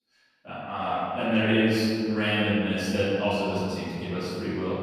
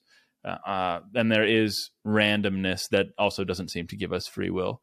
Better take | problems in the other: second | room echo; strong; dies away in 2.5 s // off-mic speech; far

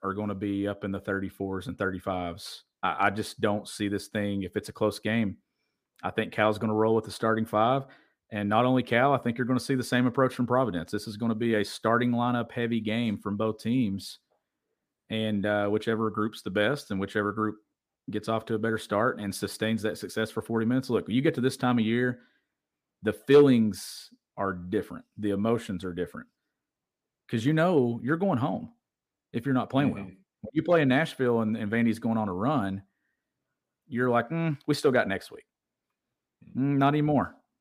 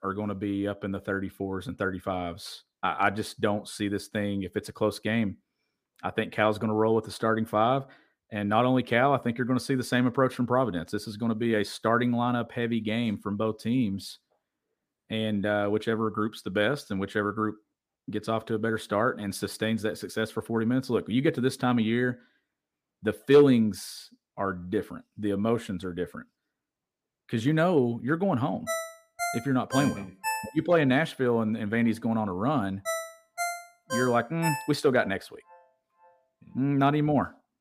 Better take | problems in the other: first | phone ringing; noticeable; from 29 to 35 s; peak 4 dB below the speech

